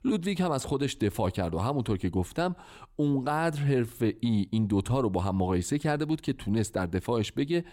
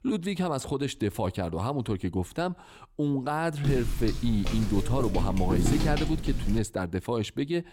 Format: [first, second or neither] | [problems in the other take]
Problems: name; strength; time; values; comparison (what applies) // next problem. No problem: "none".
first | footsteps; loud; from 3.5 to 6.5 s; peak 2 dB above the speech